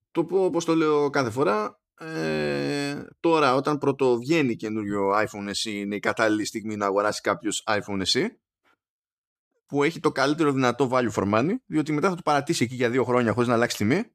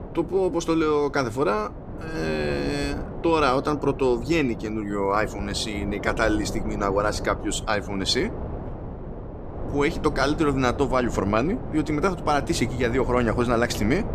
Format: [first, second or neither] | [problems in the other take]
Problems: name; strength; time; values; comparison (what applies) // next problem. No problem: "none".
first | wind noise on the microphone; occasional gusts; 15 dB below the speech